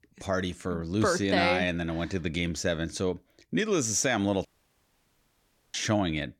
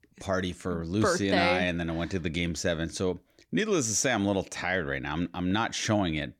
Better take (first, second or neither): second